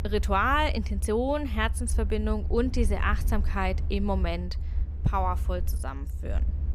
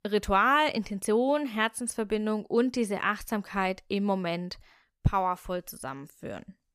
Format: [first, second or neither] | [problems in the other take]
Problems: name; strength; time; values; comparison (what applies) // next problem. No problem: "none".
second | low rumble; faint; throughout; 20 dB below the speech